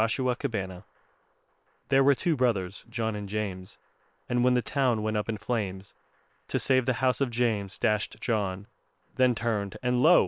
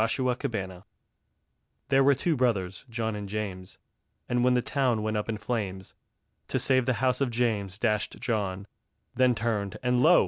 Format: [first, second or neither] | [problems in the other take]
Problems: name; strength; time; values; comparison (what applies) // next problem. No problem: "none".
second | noise reduction (neural separator model SepFormer WHAM!)